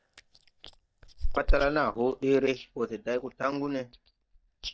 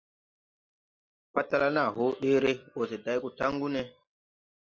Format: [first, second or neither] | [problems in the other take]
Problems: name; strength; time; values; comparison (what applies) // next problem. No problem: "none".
second | noise reduction (neural mask model DeepFilterNet 3)